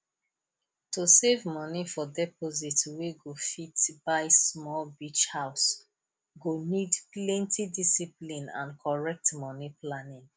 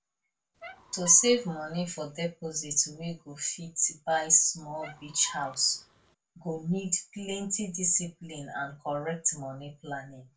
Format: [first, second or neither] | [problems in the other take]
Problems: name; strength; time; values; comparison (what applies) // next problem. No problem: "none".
first | background sound (Squeak); 18 dB below the speech // room echo; dies away in 0.2 s